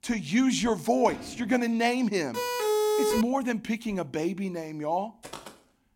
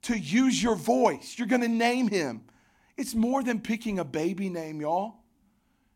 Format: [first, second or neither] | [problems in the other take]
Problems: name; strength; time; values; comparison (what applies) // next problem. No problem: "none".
second | door banging; faint; at 1 s; peak 15 dB below the speech // siren; loud; at 2.5 s; peak 3 dB above the speech // footsteps; faint; at 5 s; peak 15 dB below the speech